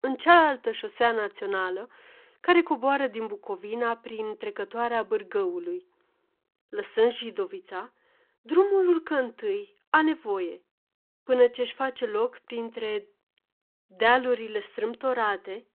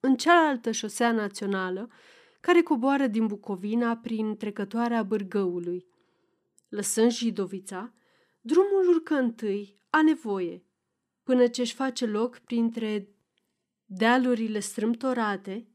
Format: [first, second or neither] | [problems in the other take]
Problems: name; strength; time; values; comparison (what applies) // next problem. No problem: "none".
second | phone-call audio